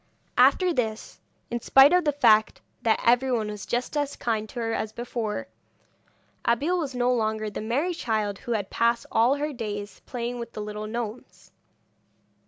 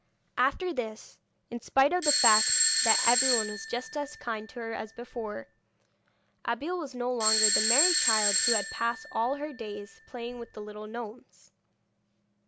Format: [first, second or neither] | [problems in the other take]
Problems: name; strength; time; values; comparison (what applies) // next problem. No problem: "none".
first | background sound (Bell / Doorbell); 4 dB above the speech